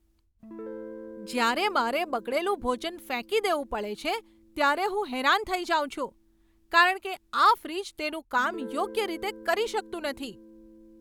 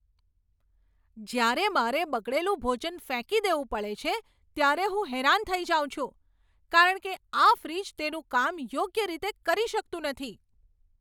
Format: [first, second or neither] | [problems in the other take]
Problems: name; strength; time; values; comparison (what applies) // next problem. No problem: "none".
second | background sound (Guitar); 18 dB below the speech